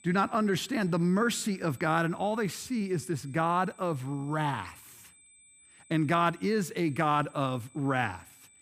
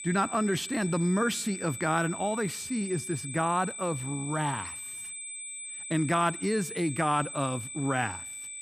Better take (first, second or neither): first